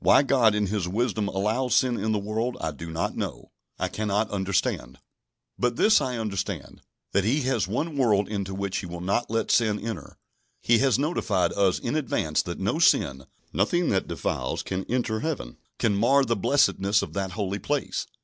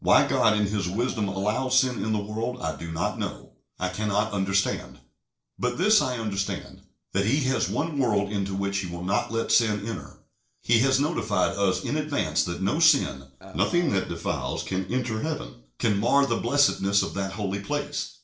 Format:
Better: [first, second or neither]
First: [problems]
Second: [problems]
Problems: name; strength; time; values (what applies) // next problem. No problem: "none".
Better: first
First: none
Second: noise reduction (neural separator model SepFormer DNS4)